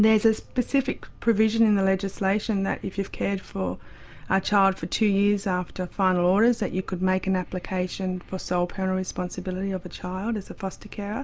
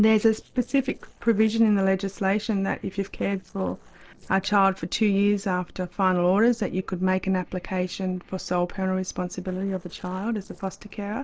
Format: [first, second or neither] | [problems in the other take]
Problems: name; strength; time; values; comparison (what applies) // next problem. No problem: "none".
first | noise reduction (neural separator model SepFormer DNS4)